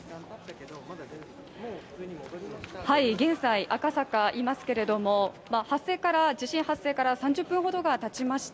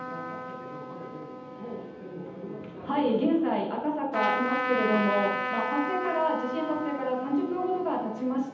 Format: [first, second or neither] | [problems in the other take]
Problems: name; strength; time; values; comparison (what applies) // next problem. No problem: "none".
first | background sound (Trumpet); 5 dB below the speech // room echo; dies away in 0.8 s